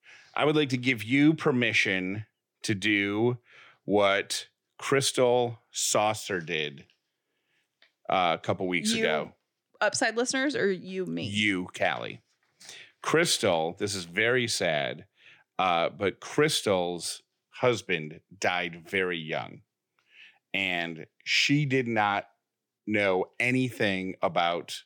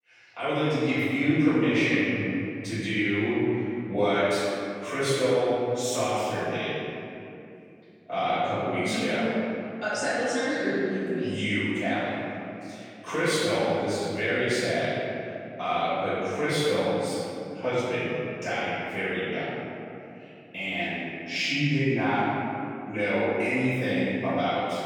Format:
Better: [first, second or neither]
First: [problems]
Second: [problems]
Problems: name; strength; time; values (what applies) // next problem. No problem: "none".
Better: first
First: none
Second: off-mic speech; far // room echo; strong; dies away in 2.8 s